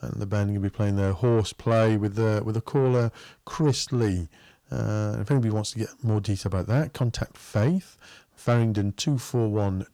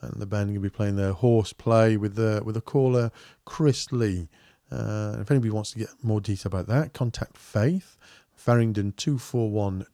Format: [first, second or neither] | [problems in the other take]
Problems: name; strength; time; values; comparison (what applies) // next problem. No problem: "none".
second | distortion; slight; 10 dB below the speech